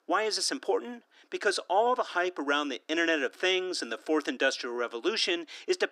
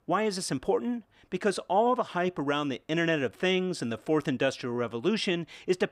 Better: second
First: thin; somewhat; fading below 300 Hz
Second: none

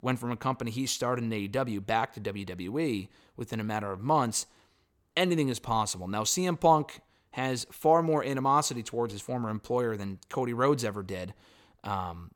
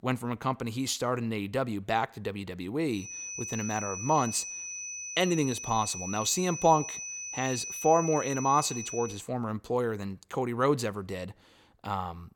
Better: first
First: none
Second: high-pitched whine; loud; from 3 to 9 s; 6 kHz, 6 dB below the speech

